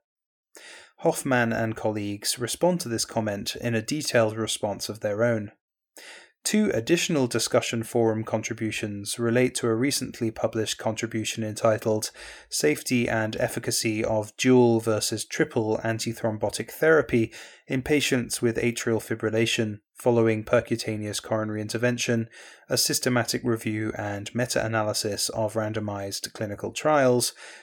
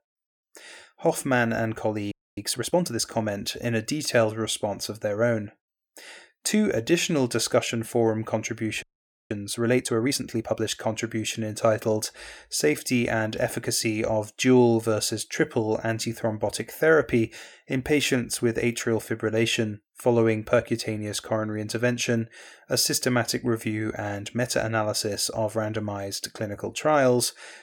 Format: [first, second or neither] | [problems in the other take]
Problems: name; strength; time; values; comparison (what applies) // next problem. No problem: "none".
first | audio freezing; at 2 s and at 9 s